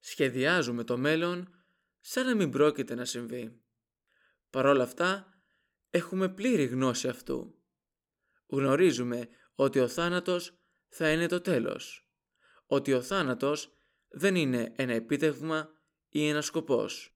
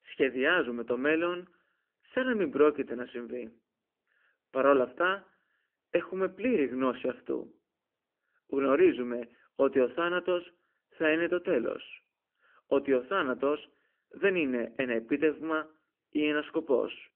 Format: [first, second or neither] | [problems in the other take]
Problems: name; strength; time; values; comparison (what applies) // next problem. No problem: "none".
first | phone-call audio; nothing above 3 kHz